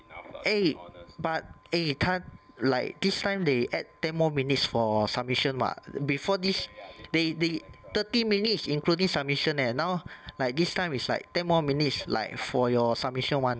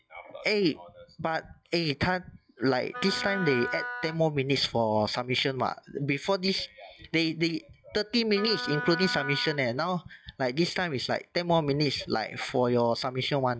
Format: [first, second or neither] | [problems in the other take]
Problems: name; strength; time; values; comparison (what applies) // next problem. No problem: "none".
first | noise reduction (classical method log-MMSE)